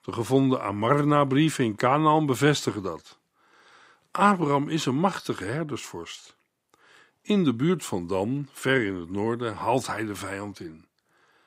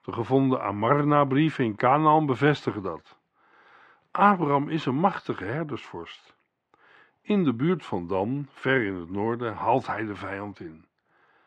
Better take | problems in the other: first | muffled; very; fading above 2.5 kHz

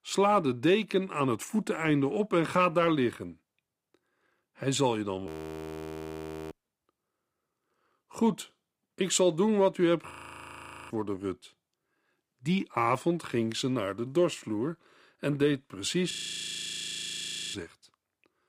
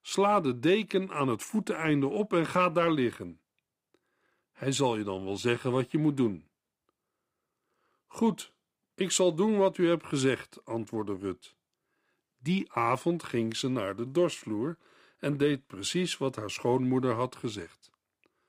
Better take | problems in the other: second | audio freezing; at 5.5 s for 1 s, at 10 s for 1 s and at 16 s for 1.5 s

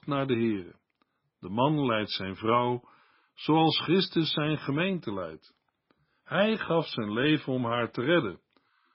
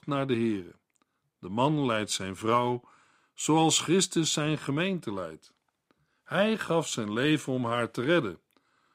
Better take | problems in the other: second | garbled, watery; badly; nothing above 5.5 kHz

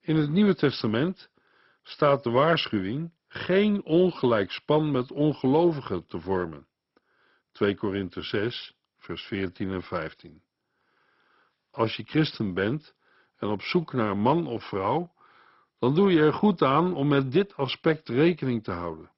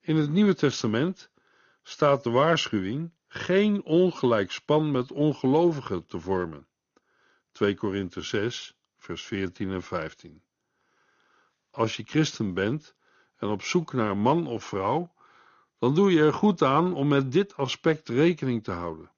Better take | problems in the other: second | garbled, watery; badly; nothing above 5.5 kHz; slightly in the second

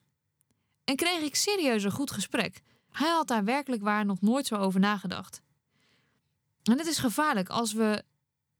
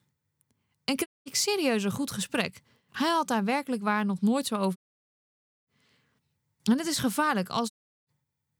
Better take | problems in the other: first | audio cutting out; at 1 s, at 5 s for 1 s and at 7.5 s

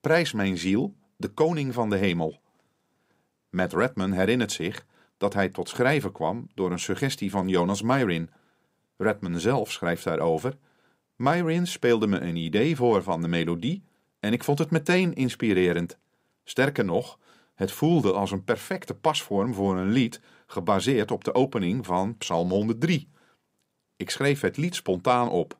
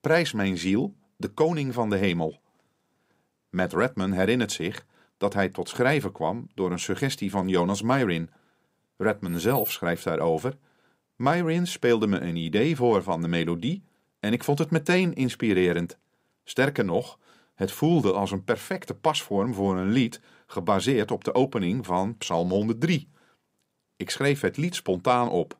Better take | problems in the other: first | jangling keys; noticeable; at 9.5 s; peak 4 dB below the speech

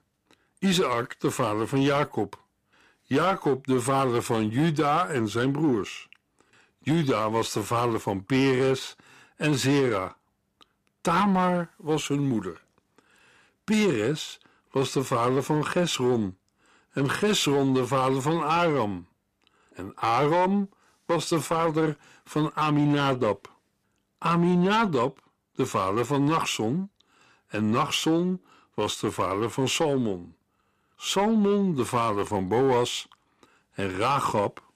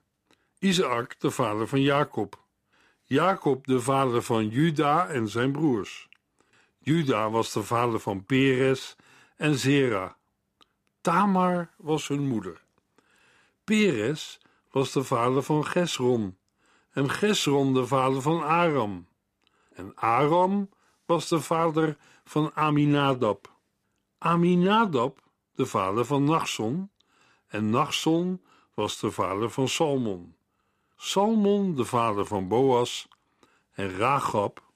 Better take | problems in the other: second | distortion; slight; 10 dB below the speech

